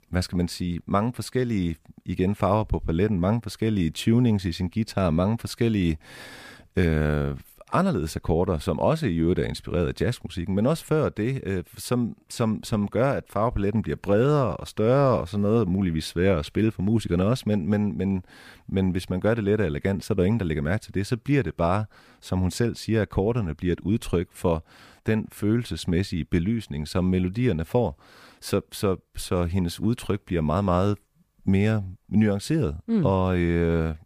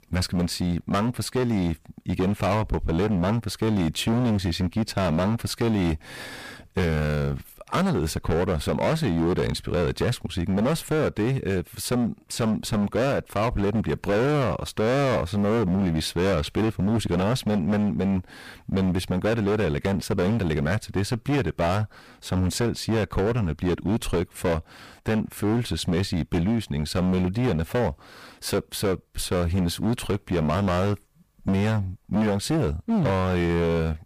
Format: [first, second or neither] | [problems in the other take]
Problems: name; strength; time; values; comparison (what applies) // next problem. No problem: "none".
first | distortion; heavy; 20% of the sound clipped